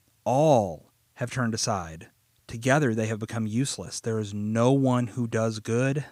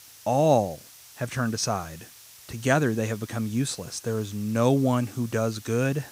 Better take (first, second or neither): first